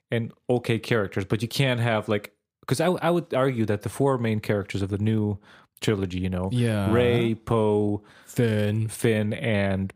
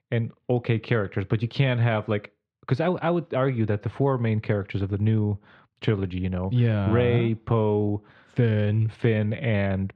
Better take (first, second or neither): first